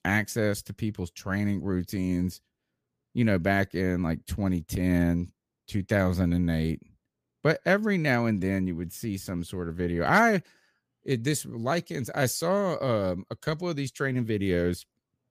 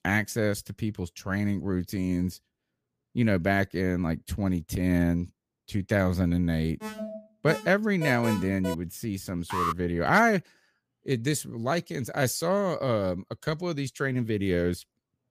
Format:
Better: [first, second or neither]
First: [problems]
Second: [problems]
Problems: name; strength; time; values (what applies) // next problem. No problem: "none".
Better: first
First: none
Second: alarm; noticeable; from 7 to 9 s and at 9.5 s; peak 2 dB below the speech